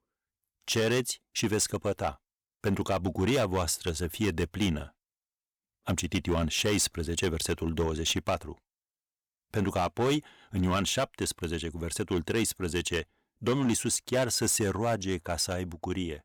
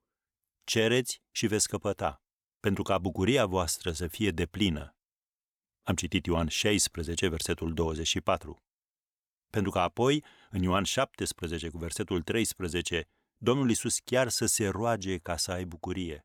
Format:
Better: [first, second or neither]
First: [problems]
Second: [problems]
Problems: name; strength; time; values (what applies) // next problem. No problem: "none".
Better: second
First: distortion; slight; 6% of the sound clipped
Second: none